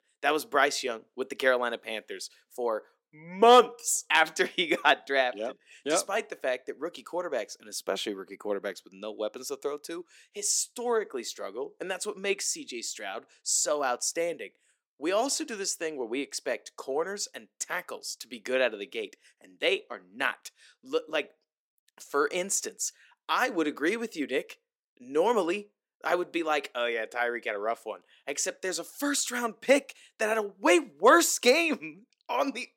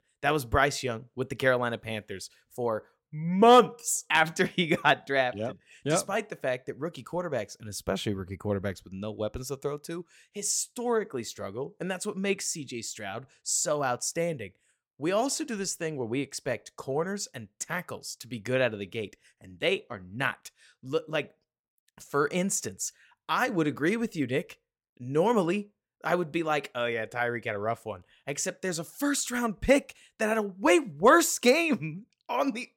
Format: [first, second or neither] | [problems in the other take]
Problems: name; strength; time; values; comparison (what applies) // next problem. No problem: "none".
second | thin; very slightly; fading below 300 Hz